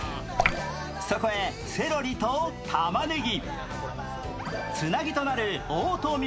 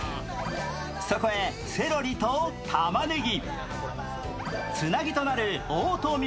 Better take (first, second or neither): second